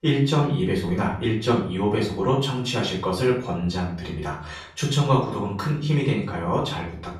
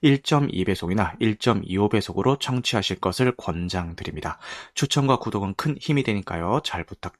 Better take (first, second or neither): second